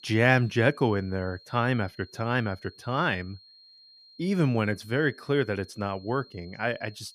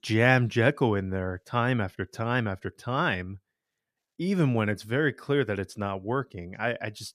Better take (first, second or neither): second